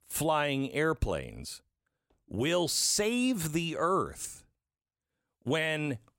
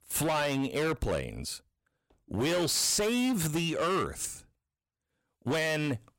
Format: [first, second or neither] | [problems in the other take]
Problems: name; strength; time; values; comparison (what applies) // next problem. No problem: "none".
first | distortion; heavy; 15% of the sound clipped